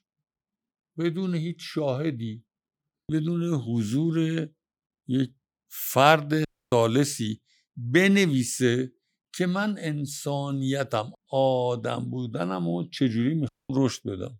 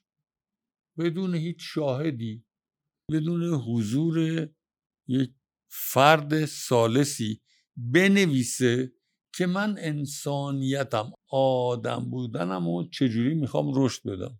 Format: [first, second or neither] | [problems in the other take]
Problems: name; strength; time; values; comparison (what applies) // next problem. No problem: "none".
second | audio cutting out; at 6.5 s and at 13 s